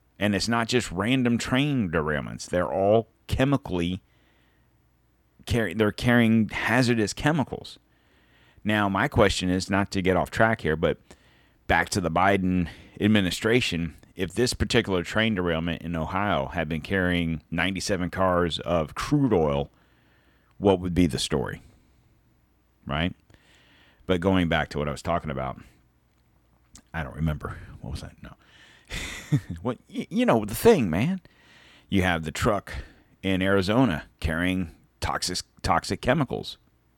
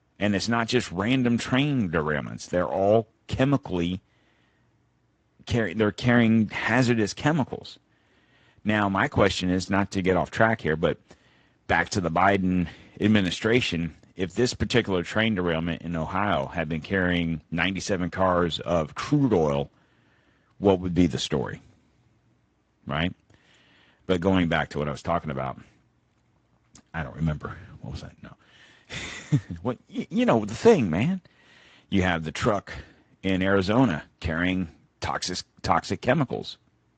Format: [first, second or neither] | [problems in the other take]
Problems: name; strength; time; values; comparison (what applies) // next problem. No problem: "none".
first | garbled, watery; slightly; nothing above 7.5 kHz